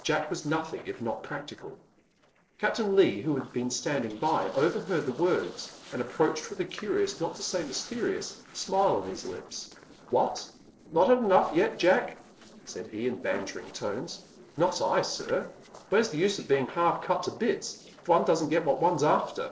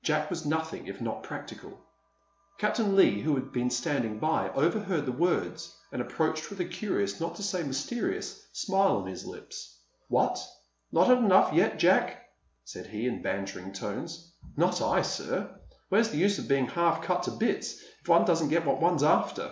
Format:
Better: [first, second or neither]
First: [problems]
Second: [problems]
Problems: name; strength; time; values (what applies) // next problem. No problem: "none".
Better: second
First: noise reduction (neural separator model SepFormer DNS4)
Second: none